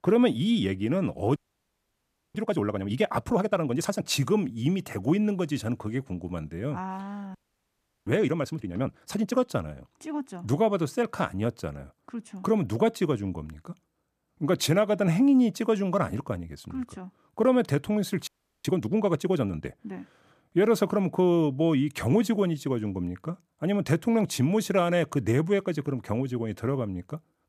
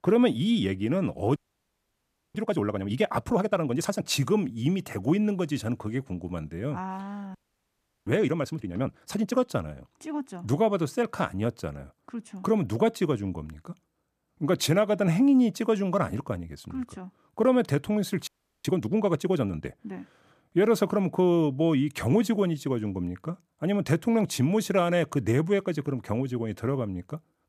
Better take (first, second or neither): neither